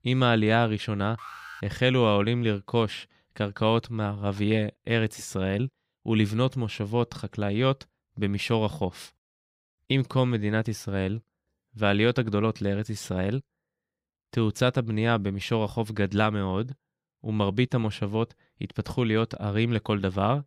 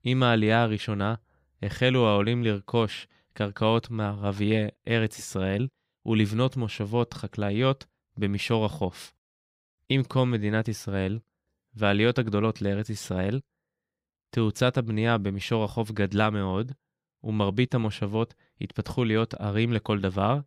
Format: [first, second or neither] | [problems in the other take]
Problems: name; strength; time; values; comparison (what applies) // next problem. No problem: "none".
second | alarm; faint; at 1 s; peak 15 dB below the speech